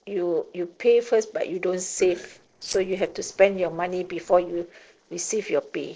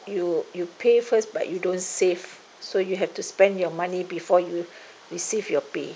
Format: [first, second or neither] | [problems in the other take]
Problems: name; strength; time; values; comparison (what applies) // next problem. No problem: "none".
second | noise reduction (neural separator model SepFormer DNS4)